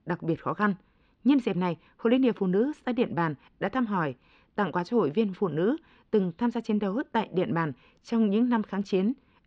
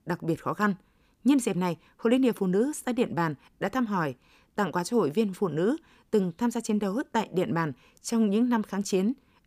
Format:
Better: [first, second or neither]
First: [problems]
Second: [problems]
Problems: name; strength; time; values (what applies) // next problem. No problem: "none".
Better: second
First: muffled; slightly; fading above 4 kHz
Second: none